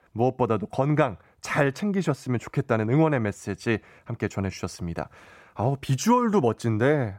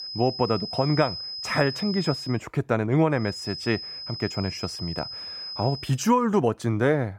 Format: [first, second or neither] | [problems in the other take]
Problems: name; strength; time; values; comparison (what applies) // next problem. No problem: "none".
first | high-pitched whine; loud; until 2.5 s and from 3.5 to 6 s; 5 kHz, 8 dB below the speech